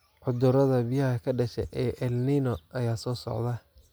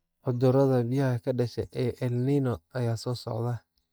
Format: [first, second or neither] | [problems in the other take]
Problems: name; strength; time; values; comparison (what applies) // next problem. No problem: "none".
first | noise reduction (neural mask model DeepFilterNet 3)